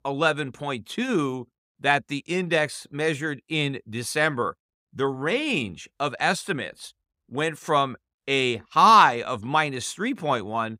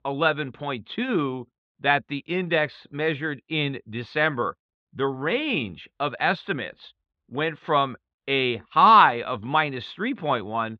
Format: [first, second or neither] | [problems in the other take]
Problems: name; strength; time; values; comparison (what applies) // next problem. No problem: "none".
first | muffled; slightly; fading above 3.5 kHz